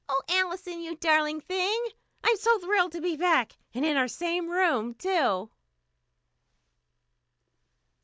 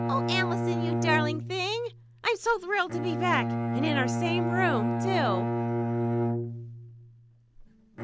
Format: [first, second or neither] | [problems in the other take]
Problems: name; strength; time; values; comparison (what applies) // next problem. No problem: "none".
first | background sound (Bowed string instrument); 1 dB above the speech